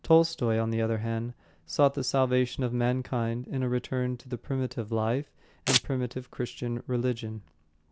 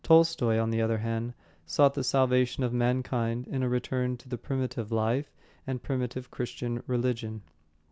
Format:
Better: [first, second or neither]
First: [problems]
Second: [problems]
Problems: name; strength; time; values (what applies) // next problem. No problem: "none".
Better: second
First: background sound (Domestic sounds, home sounds); 2 dB below the speech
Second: none